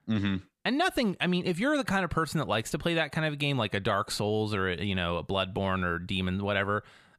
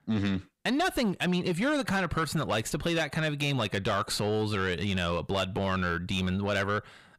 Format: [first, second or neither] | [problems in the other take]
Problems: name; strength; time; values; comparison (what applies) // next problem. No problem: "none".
first | distortion; slight; 10 dB below the speech